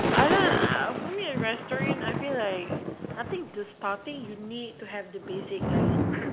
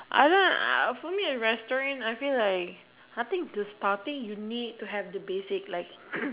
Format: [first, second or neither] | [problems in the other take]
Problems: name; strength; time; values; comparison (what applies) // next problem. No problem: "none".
second | background sound (Thunder / Rain); 2 dB above the speech